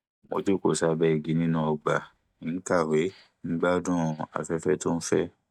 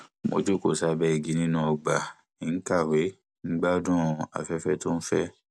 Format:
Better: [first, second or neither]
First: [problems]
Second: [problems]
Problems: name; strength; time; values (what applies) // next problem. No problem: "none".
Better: second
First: noise reduction (neural mask model DeepFilterNet 3)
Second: none